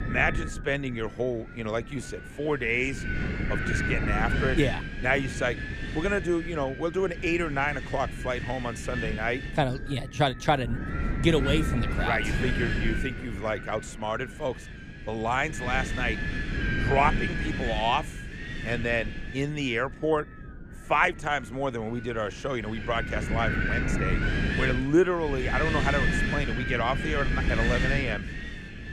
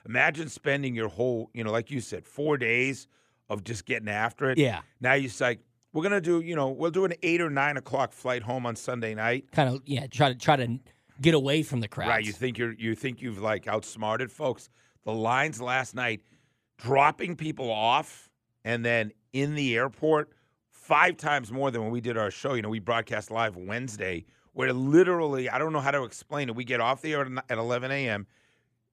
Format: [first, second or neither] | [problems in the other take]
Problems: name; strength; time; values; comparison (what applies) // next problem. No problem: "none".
second | wind noise on the microphone; heavy; 4 dB below the speech